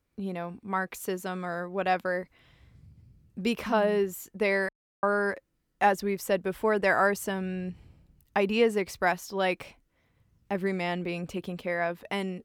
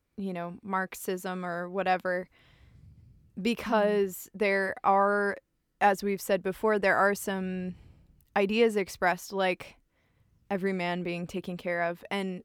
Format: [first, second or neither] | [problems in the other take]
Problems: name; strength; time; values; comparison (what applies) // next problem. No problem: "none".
second | audio cutting out; at 4.5 s